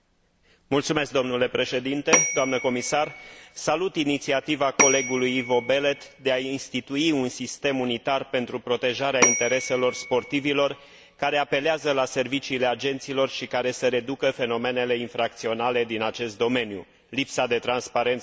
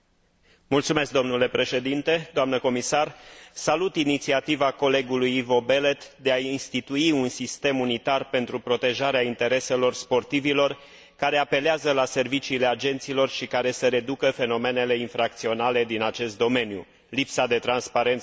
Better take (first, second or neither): second